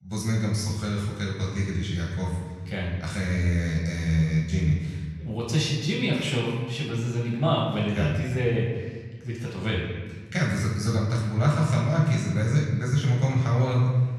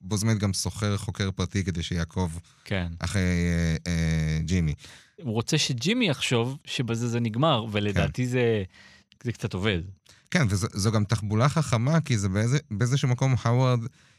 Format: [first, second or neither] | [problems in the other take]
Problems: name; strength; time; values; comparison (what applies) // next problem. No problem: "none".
second | off-mic speech; far // room echo; noticeable; dies away in 1.4 s